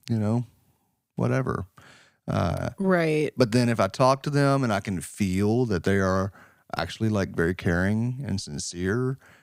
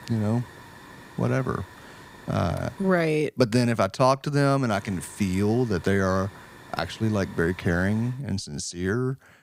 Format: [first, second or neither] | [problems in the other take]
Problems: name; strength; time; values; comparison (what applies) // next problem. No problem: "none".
first | hiss; faint; until 3 s and from 4.5 to 8 s; 20 dB below the speech